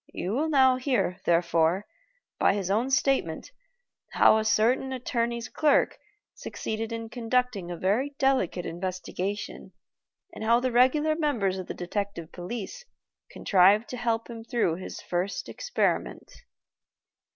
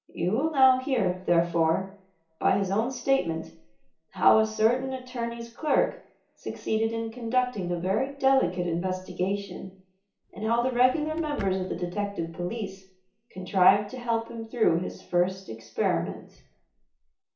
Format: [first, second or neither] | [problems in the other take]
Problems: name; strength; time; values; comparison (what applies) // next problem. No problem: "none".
first | background sound (Drawer open or close); 19 dB below the speech // room echo; dies away in 0.7 s